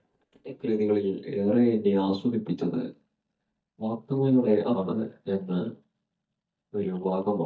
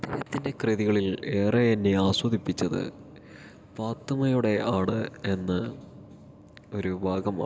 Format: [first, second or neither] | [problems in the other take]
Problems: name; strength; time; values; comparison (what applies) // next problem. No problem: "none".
second | noise reduction (neural mask model DeepFilterNet 3)